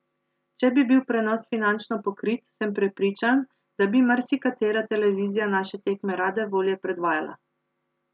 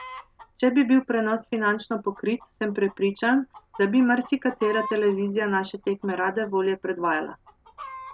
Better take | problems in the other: first | background sound (Chicken, rooster); 18 dB below the speech

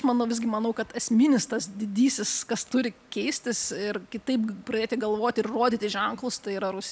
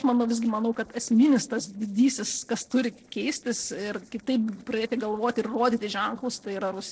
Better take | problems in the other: first | noise reduction (neural separator model SepFormer DNS4)

